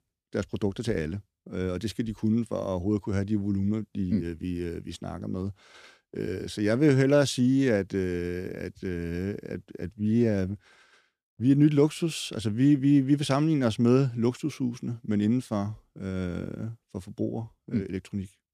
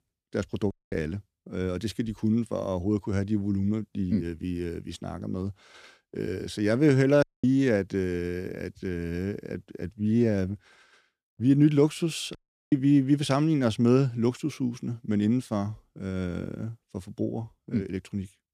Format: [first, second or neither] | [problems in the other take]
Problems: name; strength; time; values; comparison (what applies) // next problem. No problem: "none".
first | audio cutting out; at 0.5 s, at 7 s and at 12 s